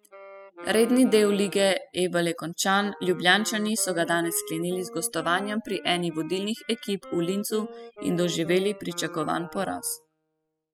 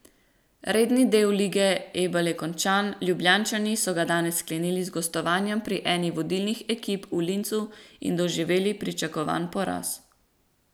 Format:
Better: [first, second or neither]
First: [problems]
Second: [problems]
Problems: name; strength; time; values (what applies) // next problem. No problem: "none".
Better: second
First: noise reduction (classical method spectral subtraction)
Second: none